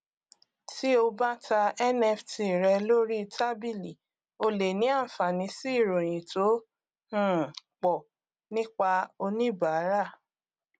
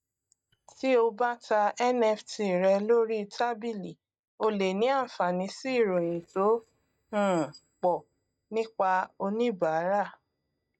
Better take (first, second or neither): first